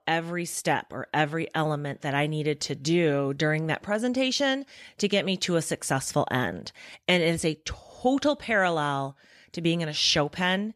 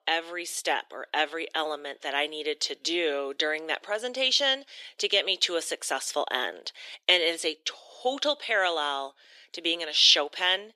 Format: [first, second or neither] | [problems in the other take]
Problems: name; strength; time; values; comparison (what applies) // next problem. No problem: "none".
first | thin; very; fading below 350 Hz